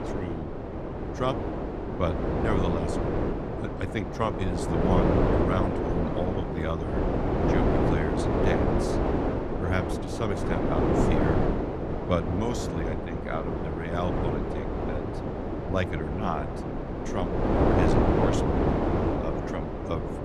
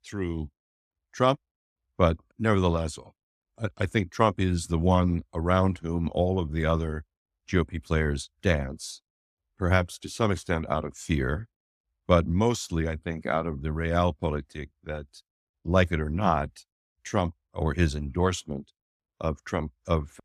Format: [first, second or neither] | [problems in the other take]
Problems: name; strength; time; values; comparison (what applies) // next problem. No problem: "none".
second | wind noise on the microphone; heavy; 4 dB above the speech